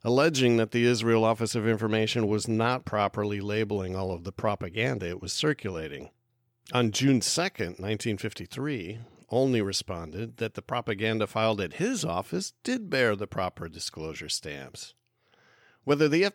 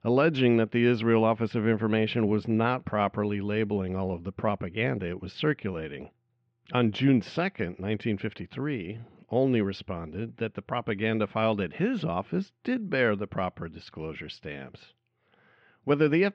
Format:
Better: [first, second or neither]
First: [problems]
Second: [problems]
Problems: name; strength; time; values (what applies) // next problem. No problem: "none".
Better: first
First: none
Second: muffled; very; fading above 3 kHz